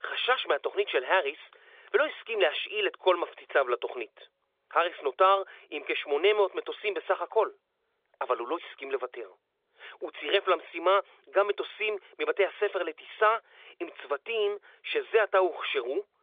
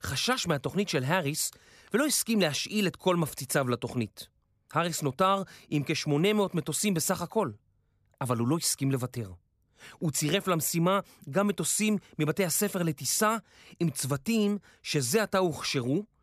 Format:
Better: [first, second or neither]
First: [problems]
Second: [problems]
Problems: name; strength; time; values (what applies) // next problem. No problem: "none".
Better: second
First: phone-call audio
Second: none